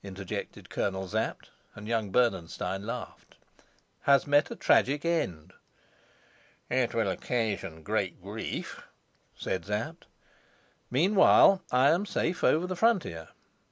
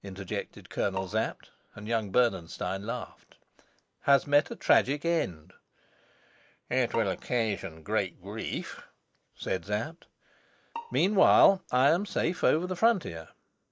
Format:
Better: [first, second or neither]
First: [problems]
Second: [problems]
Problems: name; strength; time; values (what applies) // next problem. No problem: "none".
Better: first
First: none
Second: noise reduction (neural mask model DeepFilterNet 3)